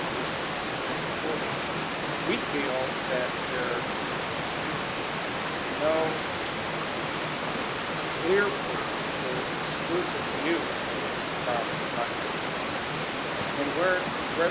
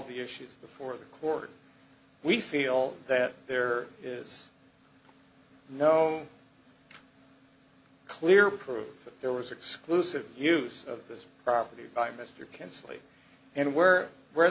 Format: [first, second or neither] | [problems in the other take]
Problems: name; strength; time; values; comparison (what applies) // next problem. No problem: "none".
second | background sound (Stream / Liquid); 3 dB above the speech